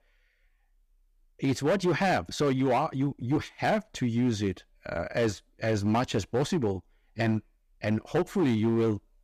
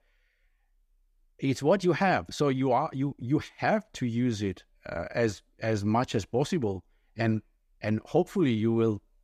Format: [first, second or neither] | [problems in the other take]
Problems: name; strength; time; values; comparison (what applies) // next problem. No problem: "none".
second | distortion; slight; 8% of the sound clipped